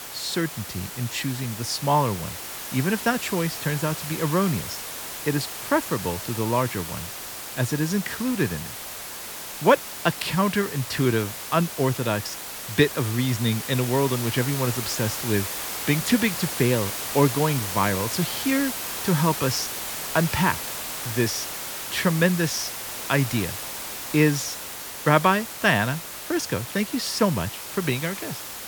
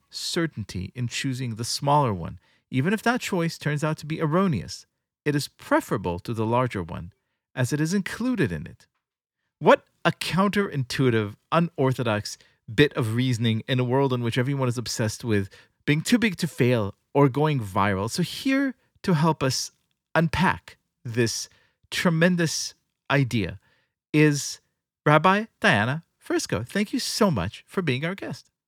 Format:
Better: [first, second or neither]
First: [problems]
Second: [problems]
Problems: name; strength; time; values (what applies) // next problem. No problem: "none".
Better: second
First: hiss; loud; throughout; 6 dB below the speech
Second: none